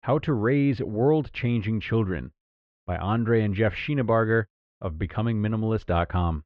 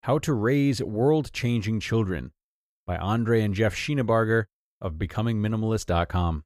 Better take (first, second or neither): second